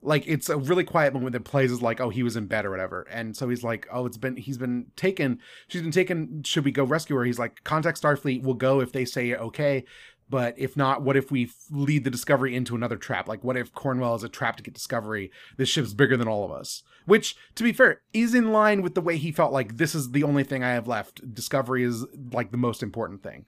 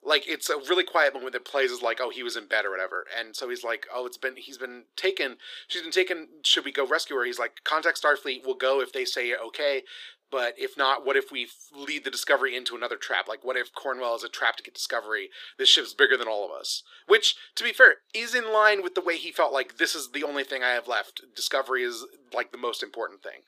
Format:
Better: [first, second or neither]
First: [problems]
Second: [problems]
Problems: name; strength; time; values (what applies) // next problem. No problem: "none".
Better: first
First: none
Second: thin; very; fading below 350 Hz